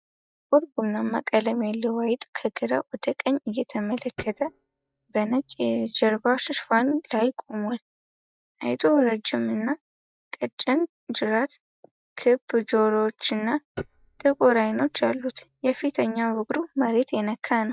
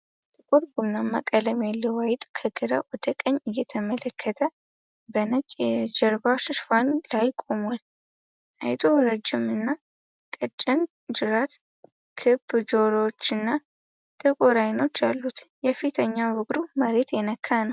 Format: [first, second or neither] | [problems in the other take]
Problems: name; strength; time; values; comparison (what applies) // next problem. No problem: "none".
second | noise reduction (neural mask model DeepFilterNet 3)